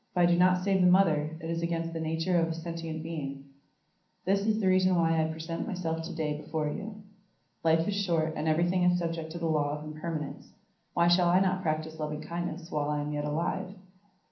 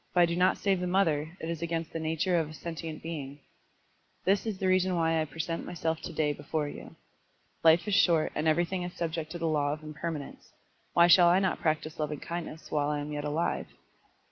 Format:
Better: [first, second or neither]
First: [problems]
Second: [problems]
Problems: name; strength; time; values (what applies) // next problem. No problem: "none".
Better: second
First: room echo; dies away in 0.6 s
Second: none